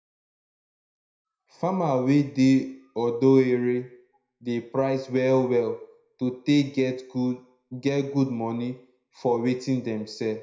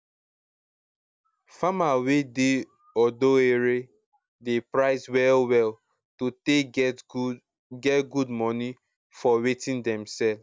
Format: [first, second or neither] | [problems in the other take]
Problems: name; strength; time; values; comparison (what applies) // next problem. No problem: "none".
second | room echo; dies away in 0.5 s